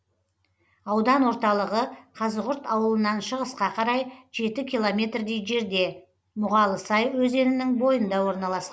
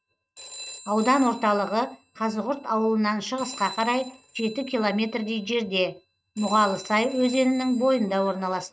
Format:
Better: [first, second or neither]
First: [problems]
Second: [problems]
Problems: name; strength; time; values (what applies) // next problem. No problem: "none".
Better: first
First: none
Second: noise reduction (neural mask model RNNoise)